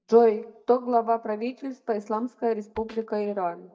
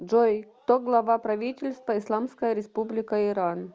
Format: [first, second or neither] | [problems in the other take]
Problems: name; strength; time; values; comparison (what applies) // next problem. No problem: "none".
second | noise reduction (neural mask model DeepFilterNet 3)